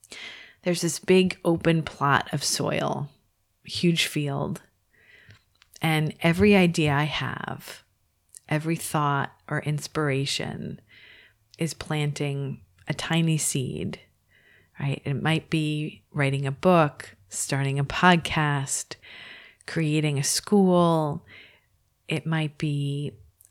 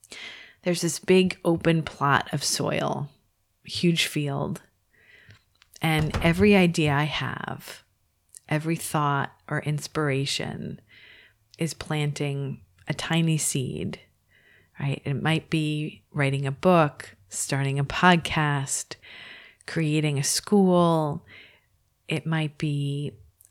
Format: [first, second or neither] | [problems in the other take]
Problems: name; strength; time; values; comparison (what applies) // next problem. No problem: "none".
first | door banging; noticeable; at 6 s; peak 7 dB below the speech